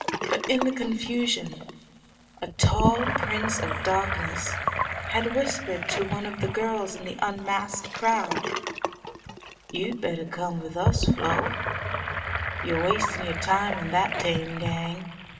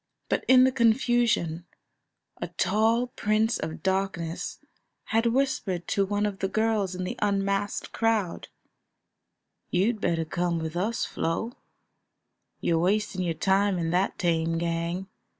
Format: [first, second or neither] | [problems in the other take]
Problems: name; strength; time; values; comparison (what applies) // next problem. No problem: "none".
second | background sound (Sink (filling or washing) / Gurgling); 1 dB below the speech // room echo; dies away in 1.8 s